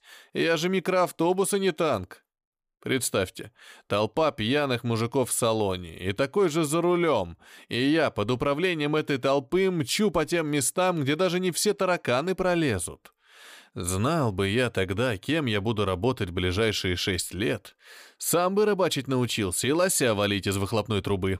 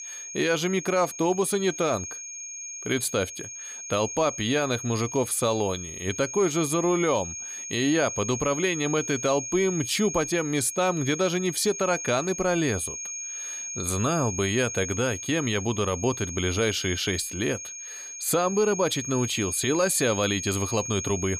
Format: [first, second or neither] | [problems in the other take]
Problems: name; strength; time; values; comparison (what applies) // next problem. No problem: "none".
first | high-pitched whine; loud; throughout; 6.5 kHz, 7 dB below the speech